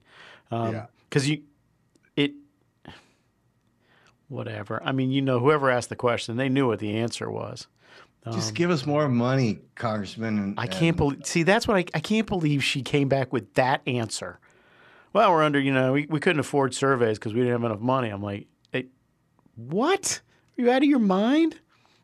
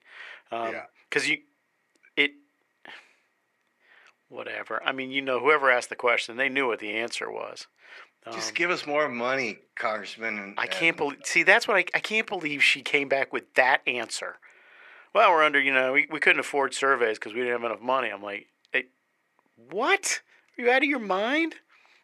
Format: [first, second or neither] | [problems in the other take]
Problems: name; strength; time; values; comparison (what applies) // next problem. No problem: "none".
first | thin; somewhat; fading below 500 Hz